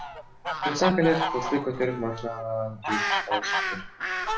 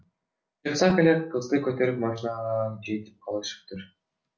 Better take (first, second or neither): second